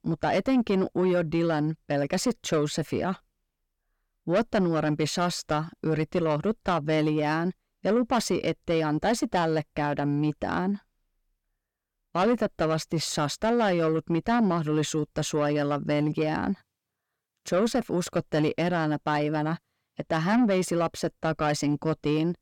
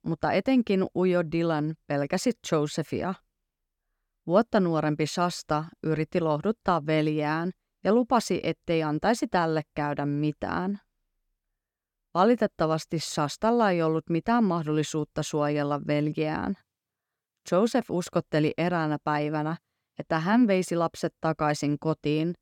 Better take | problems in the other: second | distortion; slight; 10 dB below the speech

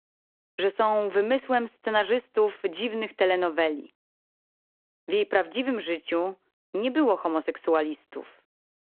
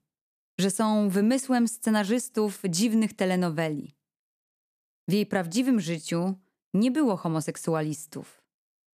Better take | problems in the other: second | phone-call audio

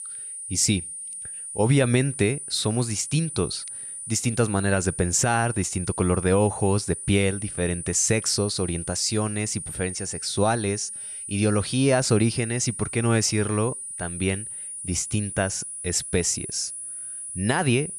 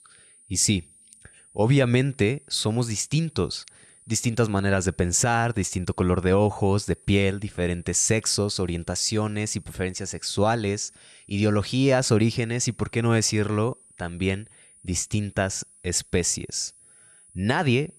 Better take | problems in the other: second | high-pitched whine; loud; throughout; 9.5 kHz, 8 dB below the speech; faint in the second

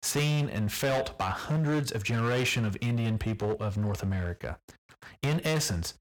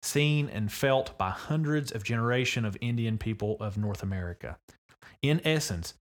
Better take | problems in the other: second | distortion; heavy; 17% of the sound clipped

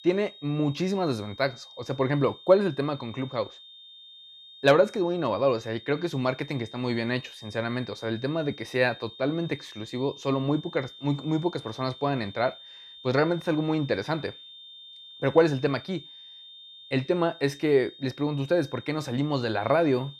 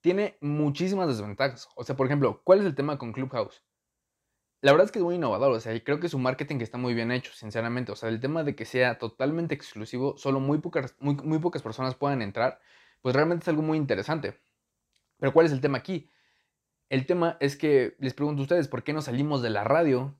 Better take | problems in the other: second | high-pitched whine; noticeable; throughout; 3.5 kHz, 15 dB below the speech

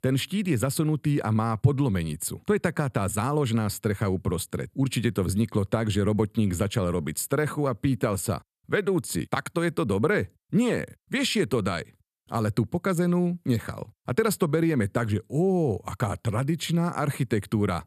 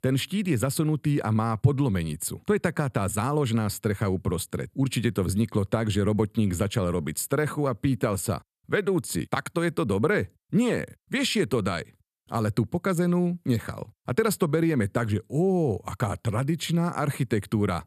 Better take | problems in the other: neither | none

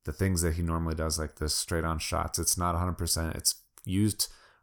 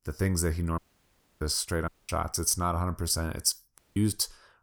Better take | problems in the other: first | audio cutting out; at 1 s for 0.5 s, at 2 s and at 4 s

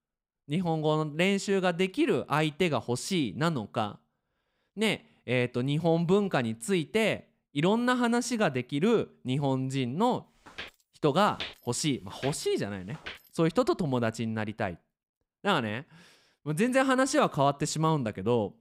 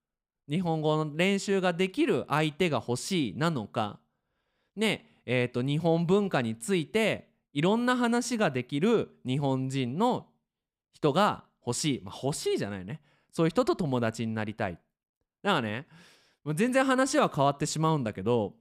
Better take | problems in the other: second | footsteps; faint; from 10 to 13 s; peak 10 dB below the speech

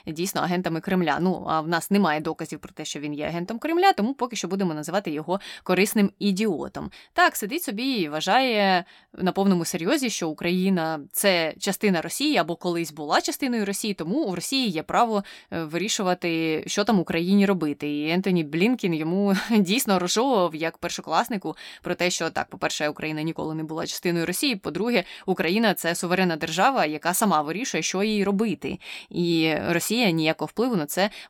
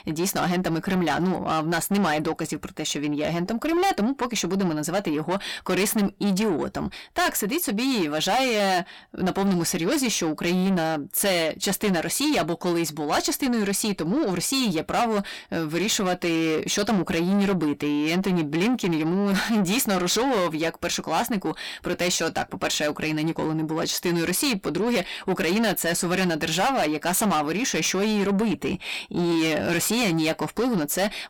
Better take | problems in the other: first | distortion; heavy; 7 dB below the speech

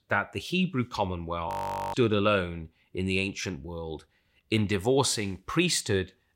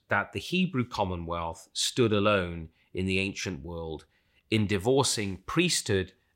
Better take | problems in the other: second | audio freezing; at 1.5 s

